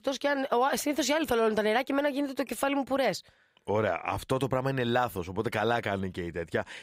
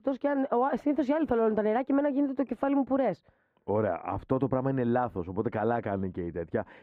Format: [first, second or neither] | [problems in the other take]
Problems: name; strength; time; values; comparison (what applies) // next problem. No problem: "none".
first | muffled; very; fading above 3 kHz